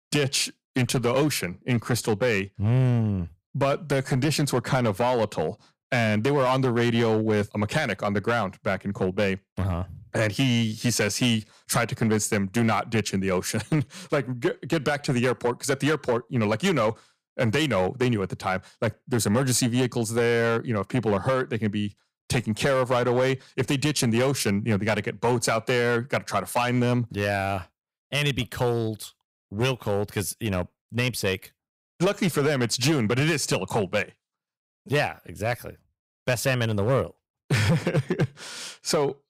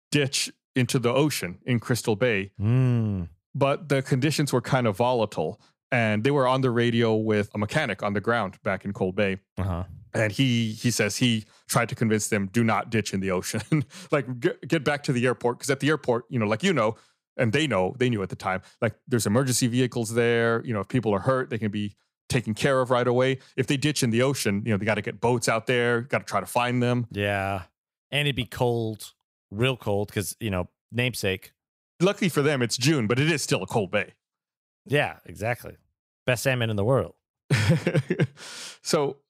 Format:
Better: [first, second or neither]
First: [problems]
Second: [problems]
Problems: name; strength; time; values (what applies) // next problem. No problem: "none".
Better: second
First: distortion; slight; 7% of the sound clipped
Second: none